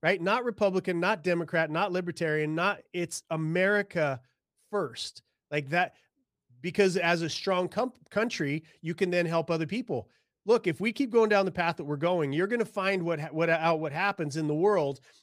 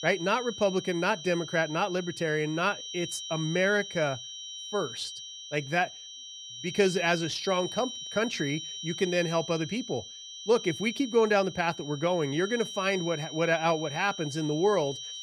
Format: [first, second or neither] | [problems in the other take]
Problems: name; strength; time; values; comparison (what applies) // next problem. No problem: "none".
first | high-pitched whine; loud; throughout; 3 kHz, 9 dB below the speech